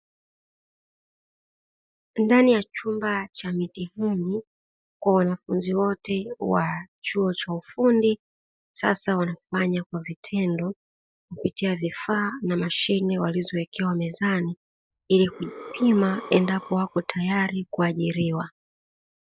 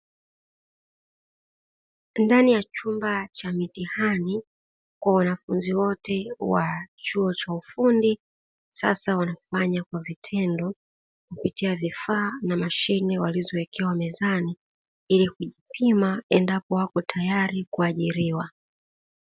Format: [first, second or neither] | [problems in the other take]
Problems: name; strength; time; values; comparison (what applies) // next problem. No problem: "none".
second | noise reduction (neural mask model DeepFilterNet 3)